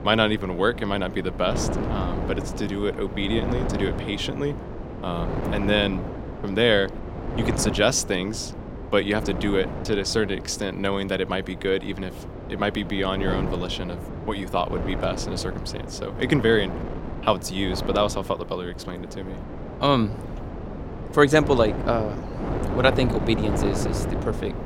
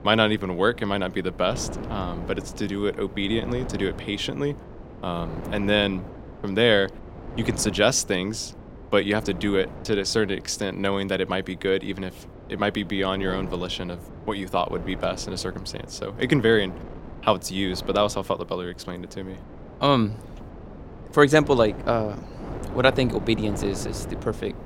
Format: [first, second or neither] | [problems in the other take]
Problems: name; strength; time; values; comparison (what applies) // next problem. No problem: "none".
second | wind noise on the microphone; heavy; 10 dB below the speech; occasional gusts in the second